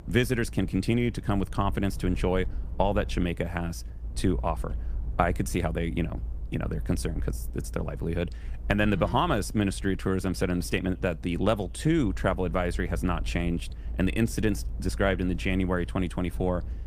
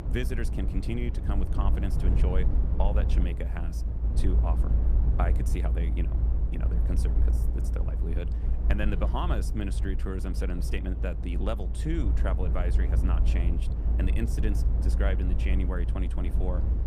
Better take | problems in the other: first | low rumble; loud; throughout; 6 dB below the speech; faint in the first

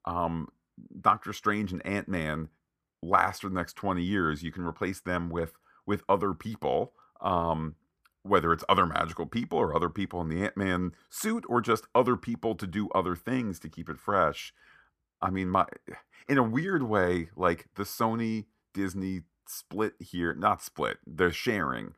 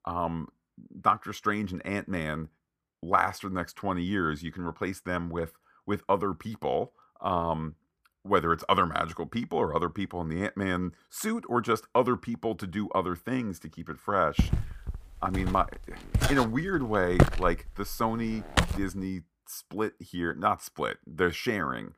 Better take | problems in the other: first | footsteps; loud; from 14 to 19 s; peak 5 dB above the speech

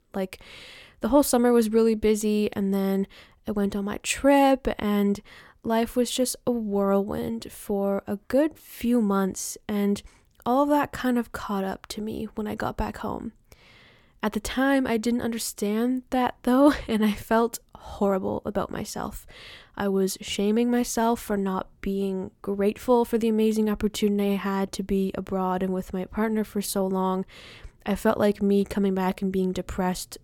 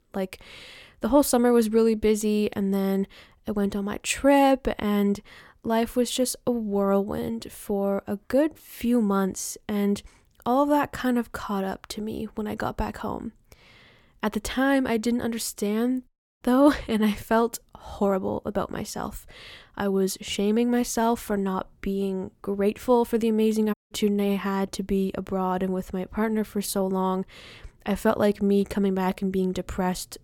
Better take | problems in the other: first | audio cutting out; at 16 s and at 24 s

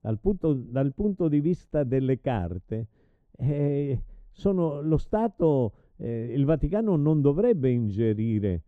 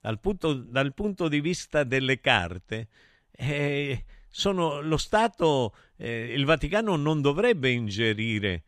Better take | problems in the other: second | muffled; very; fading above 1 kHz

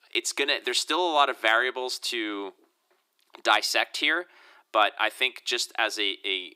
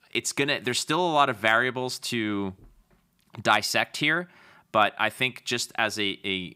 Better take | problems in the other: second | thin; somewhat; fading below 350 Hz

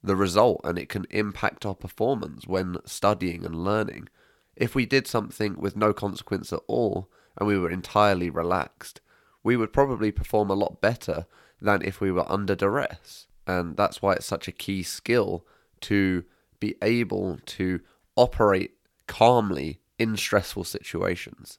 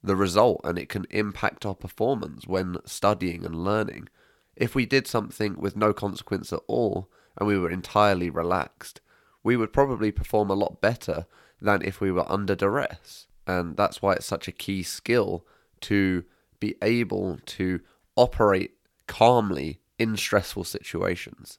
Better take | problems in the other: neither | none

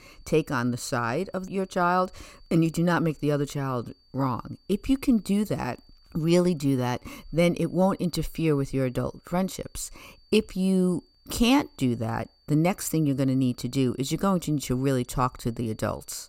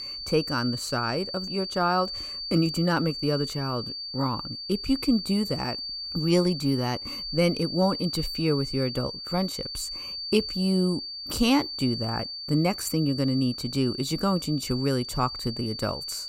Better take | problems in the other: first | high-pitched whine; loud; throughout; 4.5 kHz, 6 dB below the speech; faint in the first

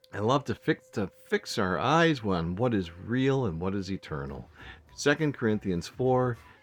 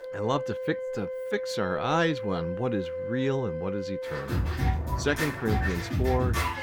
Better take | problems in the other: first | background music; loud; throughout; 1 dB below the speech; faint in the first

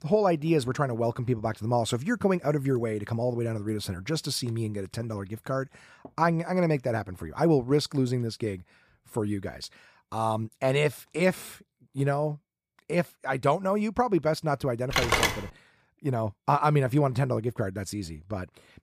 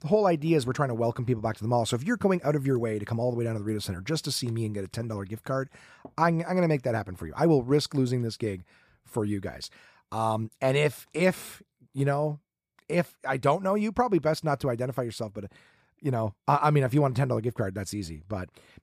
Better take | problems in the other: second | phone ringing; loud; at 15 s; peak 5 dB above the speech

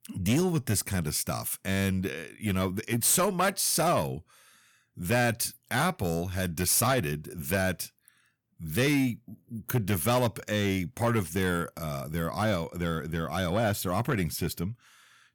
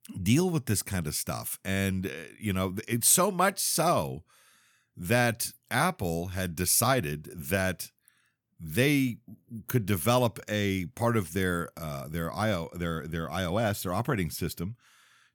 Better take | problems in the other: second | distortion; slight; 10 dB below the speech

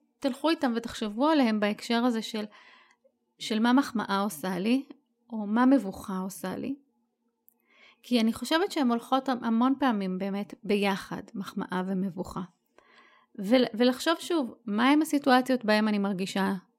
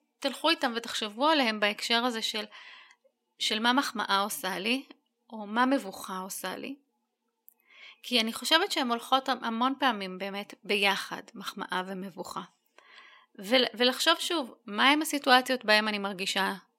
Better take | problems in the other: first | thin; somewhat; fading below 950 Hz

